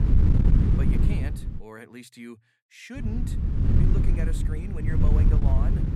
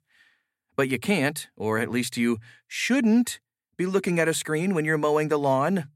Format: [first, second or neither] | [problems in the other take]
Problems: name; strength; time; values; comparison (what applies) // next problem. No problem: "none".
second | wind noise on the microphone; heavy; until 1.5 s and from 3 s on; 5 dB above the speech